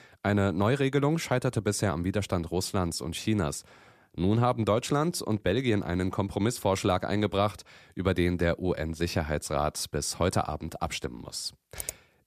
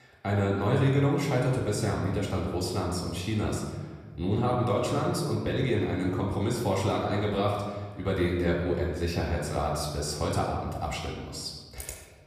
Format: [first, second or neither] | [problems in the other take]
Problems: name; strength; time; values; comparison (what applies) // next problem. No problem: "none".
first | off-mic speech; far // room echo; noticeable; dies away in 1.3 s